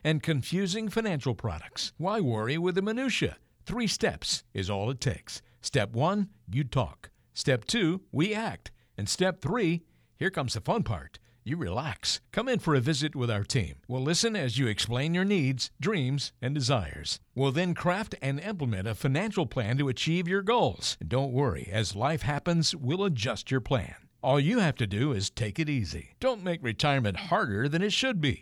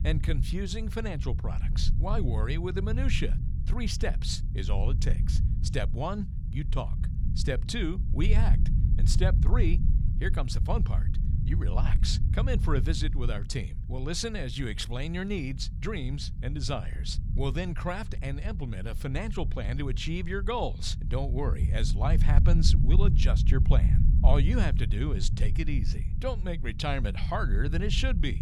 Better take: first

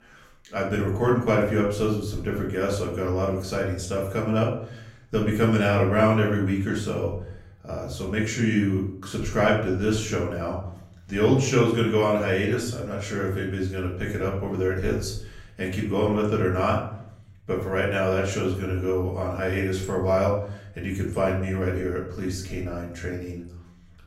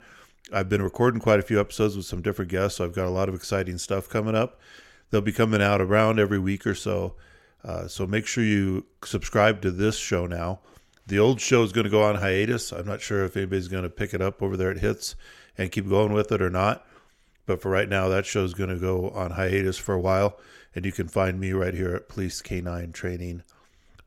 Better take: second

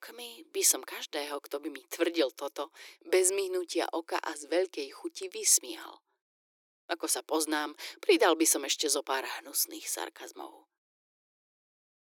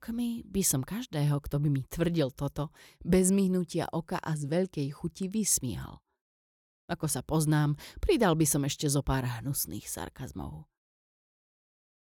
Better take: second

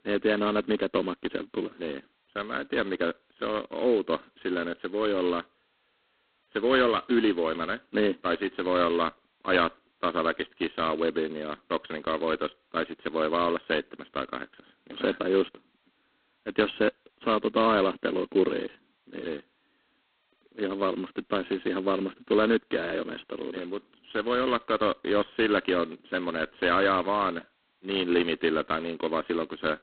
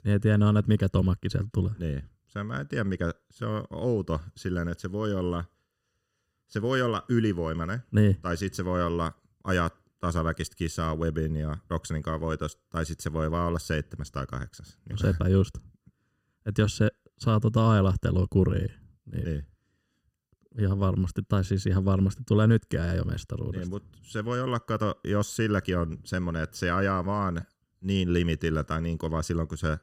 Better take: second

